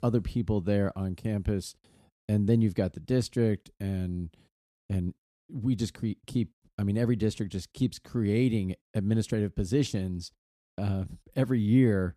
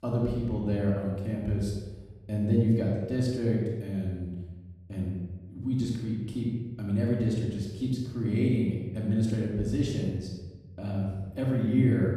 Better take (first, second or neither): first